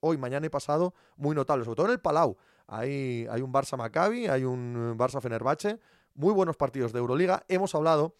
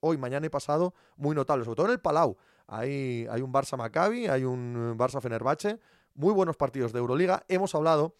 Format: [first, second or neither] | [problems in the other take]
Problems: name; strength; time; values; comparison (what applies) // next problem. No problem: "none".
neither | none